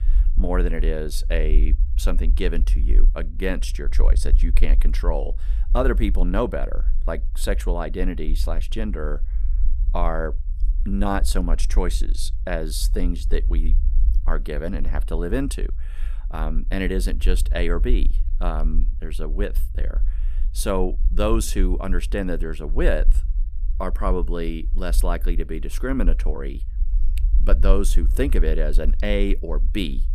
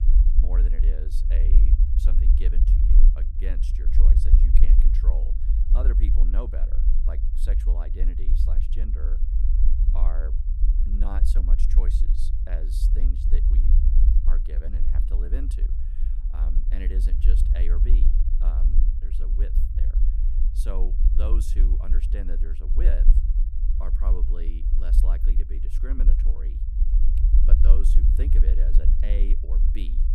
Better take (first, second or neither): first